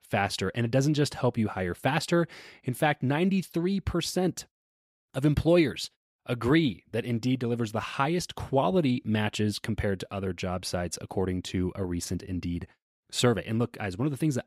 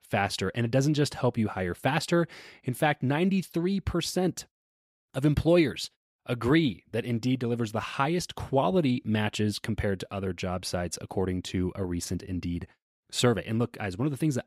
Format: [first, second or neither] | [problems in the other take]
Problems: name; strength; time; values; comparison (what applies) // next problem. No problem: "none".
neither | none